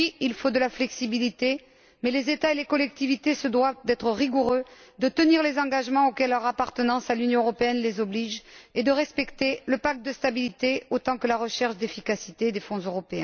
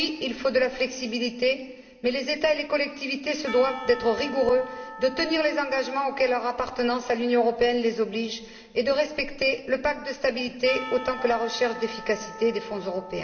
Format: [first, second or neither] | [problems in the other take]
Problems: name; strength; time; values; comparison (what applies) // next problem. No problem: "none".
first | background sound (Church bell / Percussion); 16 dB below the speech // room echo; dies away in 2.7 s